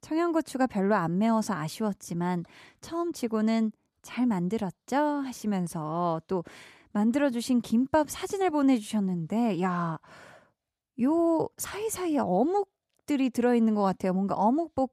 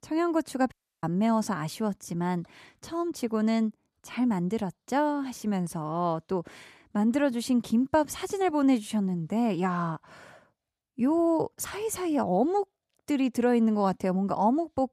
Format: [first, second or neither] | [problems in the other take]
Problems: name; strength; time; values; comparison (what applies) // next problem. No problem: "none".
first | audio cutting out; at 0.5 s